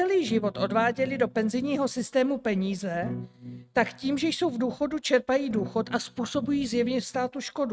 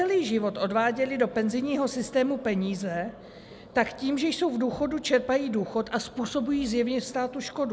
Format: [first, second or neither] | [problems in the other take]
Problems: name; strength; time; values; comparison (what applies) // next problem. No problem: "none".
second | noise reduction (neural mask model RNNoise)